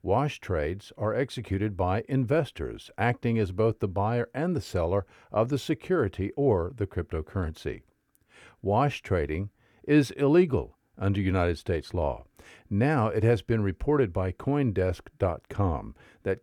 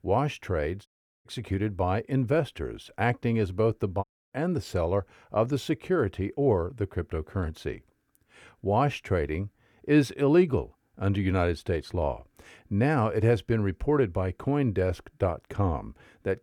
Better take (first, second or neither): first